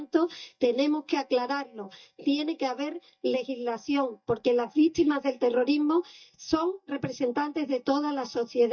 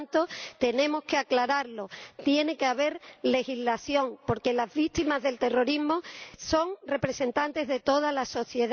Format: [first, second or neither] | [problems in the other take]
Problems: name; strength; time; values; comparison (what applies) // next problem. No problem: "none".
second | noise reduction (neural mask model DeepFilterNet 3)